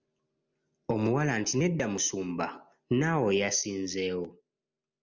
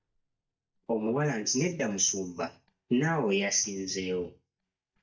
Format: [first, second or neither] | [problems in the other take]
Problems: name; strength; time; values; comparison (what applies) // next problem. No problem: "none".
first | noise reduction (neural mask model DeepFilterNet 3)